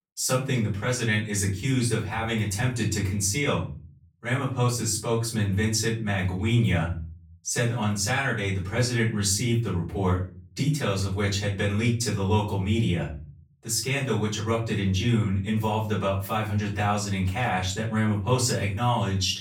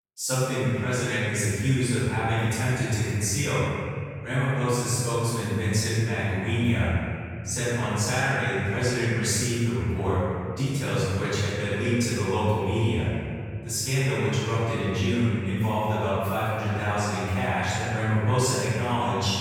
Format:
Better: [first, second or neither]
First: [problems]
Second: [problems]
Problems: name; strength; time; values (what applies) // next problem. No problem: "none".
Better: first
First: room echo; slight; dies away in 0.4 s // off-mic speech; far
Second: room echo; strong; dies away in 2.3 s // off-mic speech; far